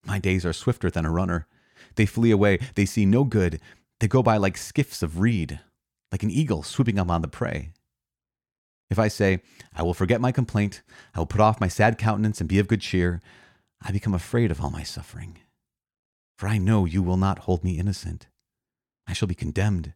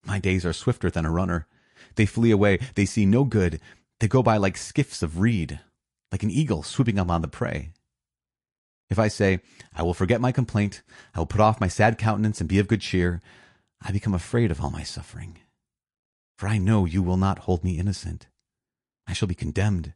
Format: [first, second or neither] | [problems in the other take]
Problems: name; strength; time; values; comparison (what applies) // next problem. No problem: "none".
first | garbled, watery; slightly